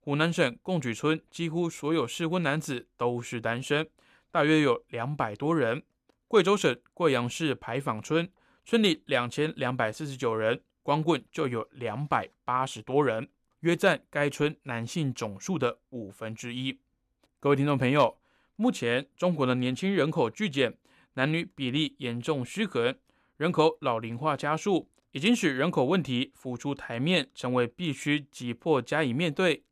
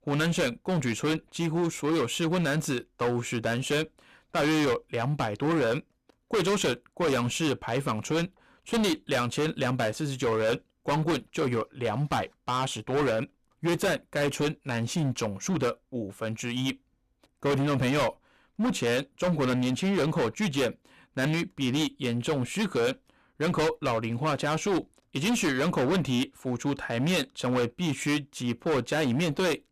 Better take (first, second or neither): first